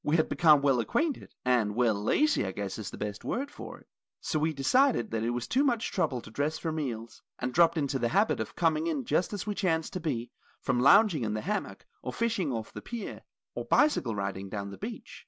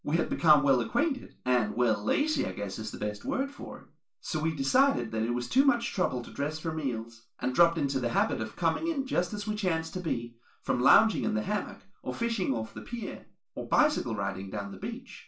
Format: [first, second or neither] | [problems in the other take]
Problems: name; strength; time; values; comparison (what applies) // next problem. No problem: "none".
first | room echo; dies away in 0.3 s